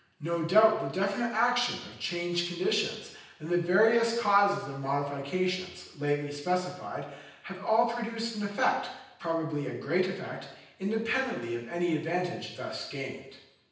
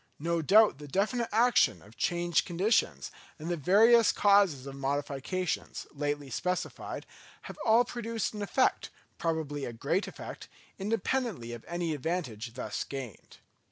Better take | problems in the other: second | room echo; dies away in 0.9 s

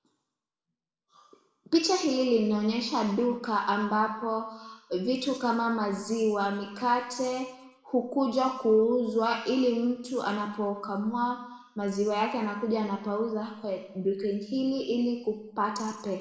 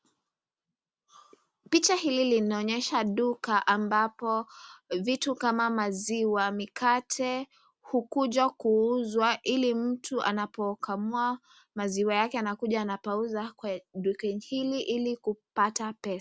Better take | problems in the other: second | room echo; dies away in 0.9 s

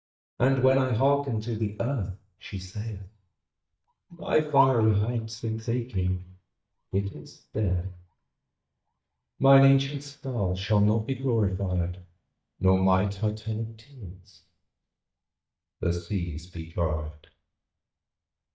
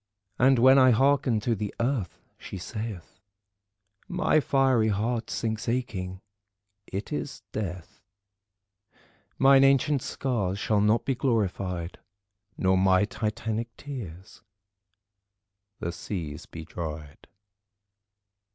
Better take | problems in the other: second | noise reduction (neural mask model DeepFilterNet 3)

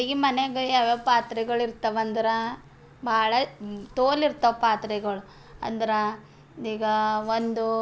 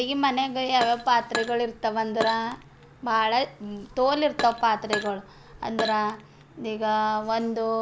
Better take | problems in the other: first | background sound (Glass); 10 dB below the speech

